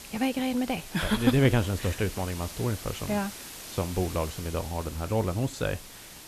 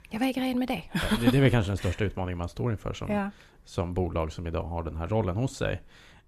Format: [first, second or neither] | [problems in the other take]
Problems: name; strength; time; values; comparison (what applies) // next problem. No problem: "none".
second | hiss; noticeable; throughout; 10 dB below the speech